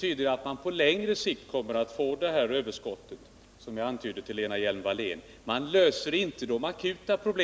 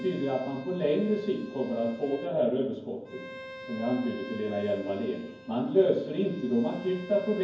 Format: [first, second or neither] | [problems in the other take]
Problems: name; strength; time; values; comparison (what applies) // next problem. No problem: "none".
first | background sound (Bowed string instrument); 16 dB below the speech // room echo; dies away in 0.9 s